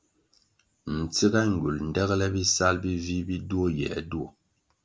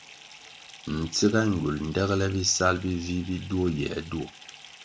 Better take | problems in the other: first | background sound (Fill (with liquid) / Bathtub (filling or washing)); 20 dB below the speech

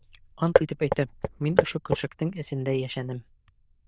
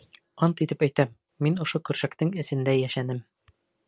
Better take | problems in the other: second | noise reduction (neural diffusion model UNIVERSE++)

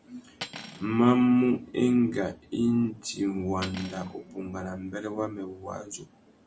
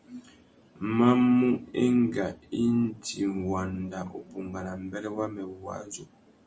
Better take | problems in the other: second | background sound (Cutlery, silverware); 19 dB below the speech

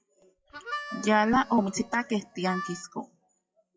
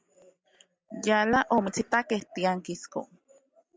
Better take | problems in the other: second | noise reduction (classical method WPE with log-MMSE)

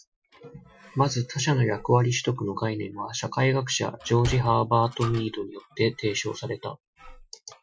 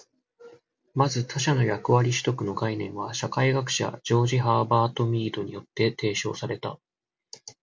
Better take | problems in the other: second | noise reduction (classical method Wiener filter)

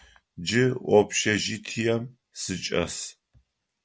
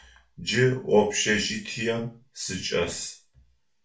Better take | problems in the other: first | room echo; dies away in 0.3 s

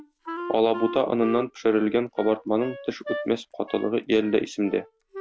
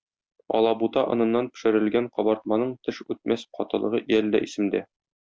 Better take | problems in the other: second | background sound (Wind instrument, woodwind instrument); 12 dB below the speech

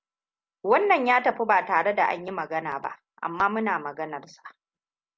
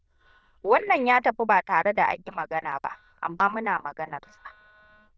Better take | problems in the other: first | noise reduction (neural diffusion model UNIVERSE++)

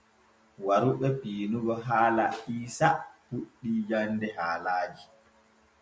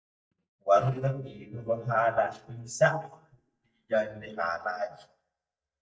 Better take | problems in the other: first | noise reduction (neural mask model DeepFilterNet 3)

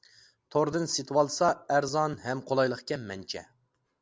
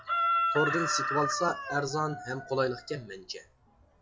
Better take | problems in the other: first | noise reduction (classical method WPE with log-MMSE)

